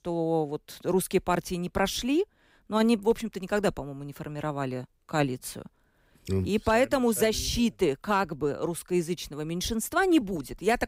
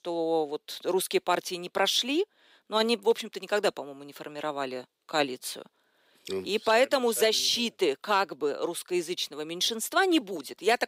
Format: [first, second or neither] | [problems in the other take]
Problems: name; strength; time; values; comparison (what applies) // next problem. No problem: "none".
first | thin; somewhat; fading below 400 Hz